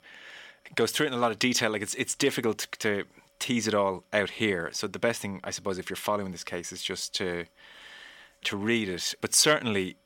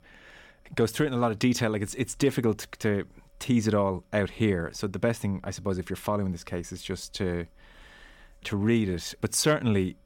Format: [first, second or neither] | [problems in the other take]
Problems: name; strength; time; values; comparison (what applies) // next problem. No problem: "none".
second | thin; very slightly; fading below 950 Hz